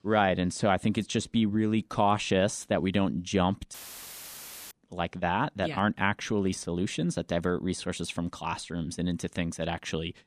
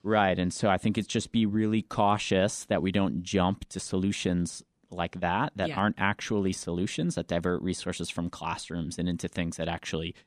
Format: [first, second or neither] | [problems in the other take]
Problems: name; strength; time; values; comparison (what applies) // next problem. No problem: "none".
second | audio cutting out; filled with static; at 3.5 s for 1 s